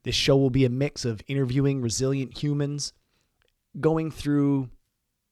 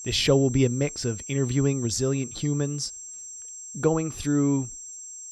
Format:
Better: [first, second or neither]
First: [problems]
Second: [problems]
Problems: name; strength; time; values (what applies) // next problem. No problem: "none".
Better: first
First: none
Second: high-pitched whine; noticeable; throughout; 7.5 kHz, 10 dB below the speech